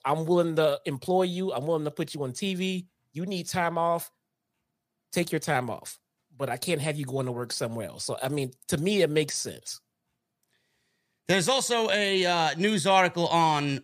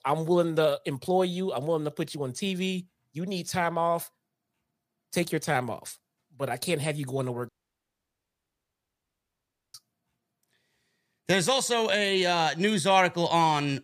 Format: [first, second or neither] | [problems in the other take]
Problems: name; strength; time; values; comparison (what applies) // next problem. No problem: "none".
first | audio cutting out; at 7.5 s for 2.5 s